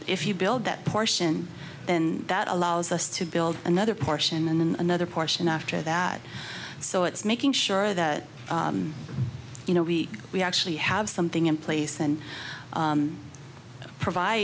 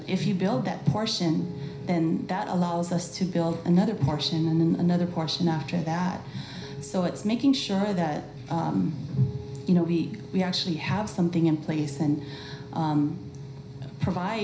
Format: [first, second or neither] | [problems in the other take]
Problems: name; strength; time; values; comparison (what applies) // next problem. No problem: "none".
first | background sound (Piano); 19 dB below the speech // room echo; dies away in 0.5 s